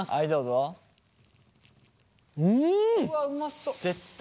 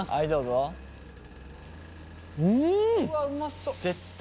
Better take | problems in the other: first | background sound (Engine); 16 dB below the speech

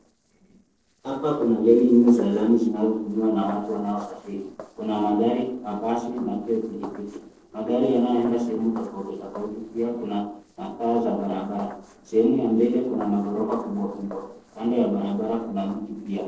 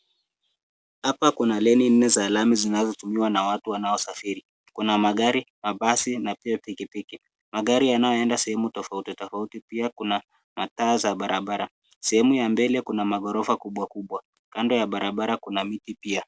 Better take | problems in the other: second | noise reduction (neural separator model SepFormer DNS4)

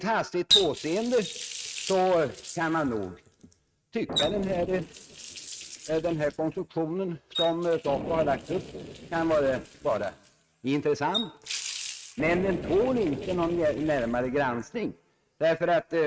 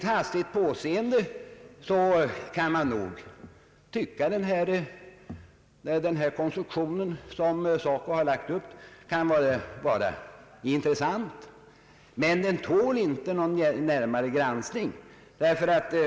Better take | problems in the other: second | noise reduction (neural mask model RNNoise)

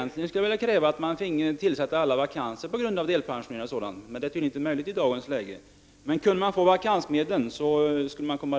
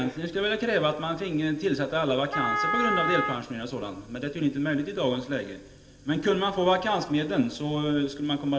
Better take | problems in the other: first | background sound (Wind instrument, woodwind instrument); 2 dB below the speech // room echo; dies away in 1.9 s

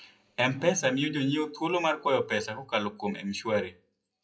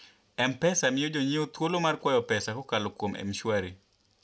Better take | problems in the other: second | noise reduction (classical method WPE with log-MMSE)

